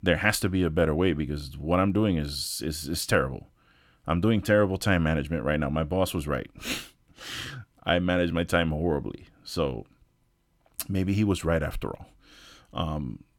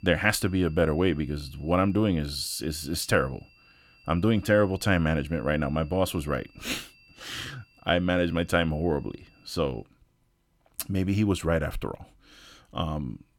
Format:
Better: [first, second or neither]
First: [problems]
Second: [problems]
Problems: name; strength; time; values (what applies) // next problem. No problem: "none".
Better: first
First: none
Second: high-pitched whine; faint; until 10 s; 2.5 kHz, 30 dB below the speech